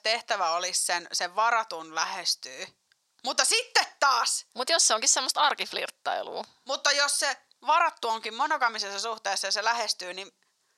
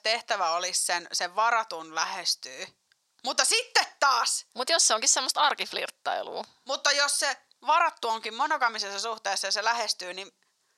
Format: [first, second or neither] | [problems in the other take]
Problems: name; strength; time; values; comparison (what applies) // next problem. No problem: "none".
neither | thin; very; fading below 800 Hz; the same in both